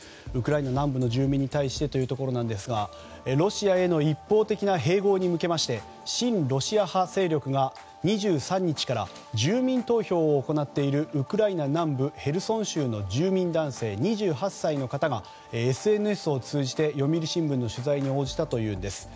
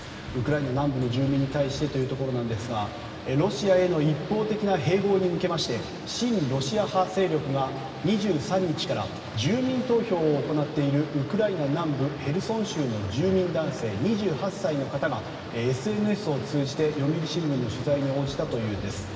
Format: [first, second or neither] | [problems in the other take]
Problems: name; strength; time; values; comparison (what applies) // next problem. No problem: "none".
first | background sound (Boat, Water vehicle); 14 dB below the speech // room echo; dies away in 2.7 s